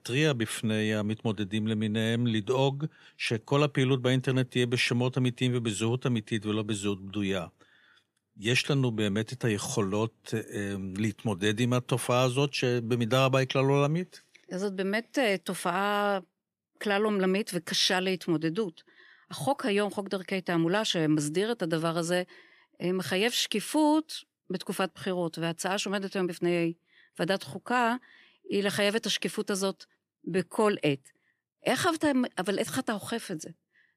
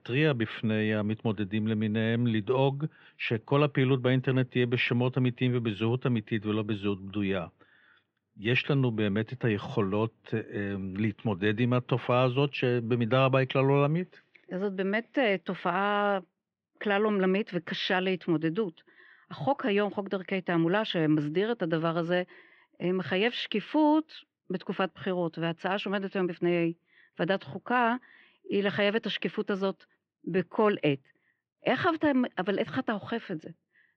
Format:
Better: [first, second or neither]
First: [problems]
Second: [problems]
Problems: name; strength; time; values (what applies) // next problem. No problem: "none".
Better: first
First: none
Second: muffled; very; fading above 3 kHz